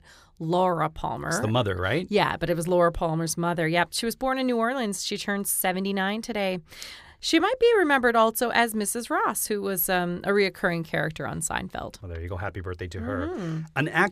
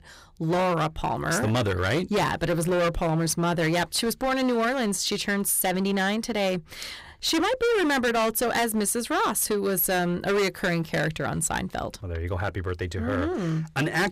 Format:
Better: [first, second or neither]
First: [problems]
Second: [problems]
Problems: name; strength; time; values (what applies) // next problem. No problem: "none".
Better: first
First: none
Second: distortion; heavy; 17% of the sound clipped